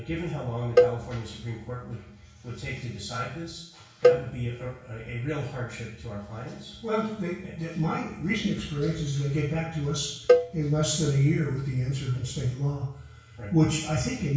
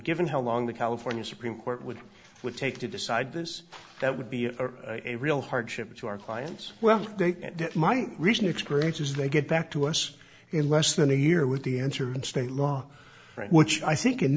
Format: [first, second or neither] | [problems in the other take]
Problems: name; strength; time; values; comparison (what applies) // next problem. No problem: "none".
second | background sound (Cowbell); 2 dB above the speech // room echo; dies away in 0.6 s